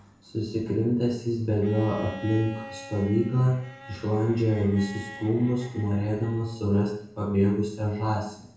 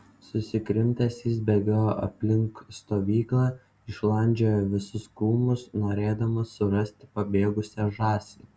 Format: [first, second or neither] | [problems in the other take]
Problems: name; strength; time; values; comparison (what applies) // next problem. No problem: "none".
second | background sound (Bowed string instrument); 19 dB below the speech // room echo; dies away in 0.7 s